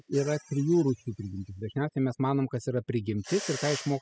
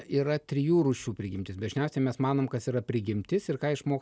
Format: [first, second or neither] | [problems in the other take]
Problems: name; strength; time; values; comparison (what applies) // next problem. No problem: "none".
second | noise reduction (classical method spectral subtraction)